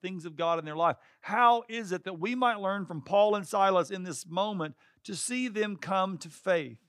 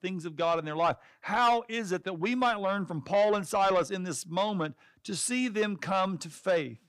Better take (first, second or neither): first